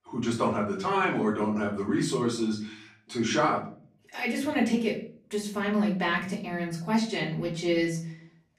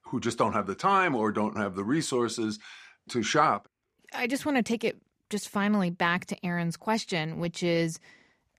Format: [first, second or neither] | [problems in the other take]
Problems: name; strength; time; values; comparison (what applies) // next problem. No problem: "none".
second | off-mic speech; far // room echo; slight; dies away in 0.4 s